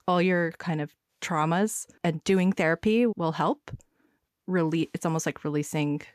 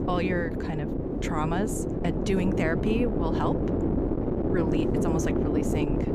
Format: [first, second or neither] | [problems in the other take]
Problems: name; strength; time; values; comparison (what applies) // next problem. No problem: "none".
first | wind noise on the microphone; heavy; 1 dB above the speech